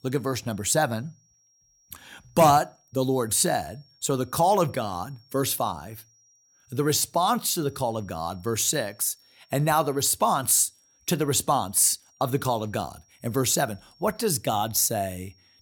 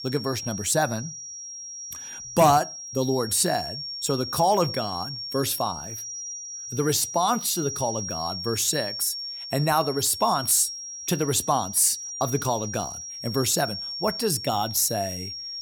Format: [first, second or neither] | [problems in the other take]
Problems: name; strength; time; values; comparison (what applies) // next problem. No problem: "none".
first | high-pitched whine; loud; throughout; 5.5 kHz, 8 dB below the speech; faint in the first